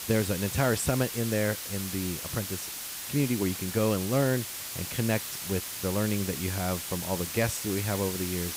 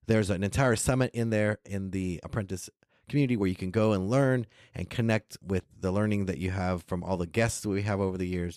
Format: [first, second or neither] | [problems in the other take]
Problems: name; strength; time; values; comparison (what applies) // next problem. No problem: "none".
second | hiss; loud; throughout; 4 dB below the speech